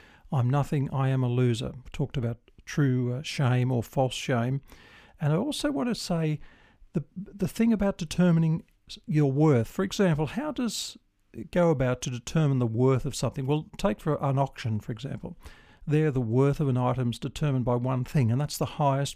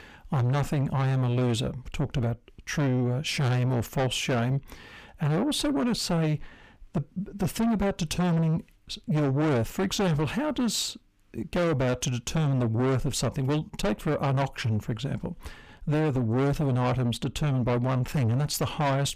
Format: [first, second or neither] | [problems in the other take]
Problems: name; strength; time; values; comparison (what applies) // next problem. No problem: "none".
first | distortion; heavy; 7 dB below the speech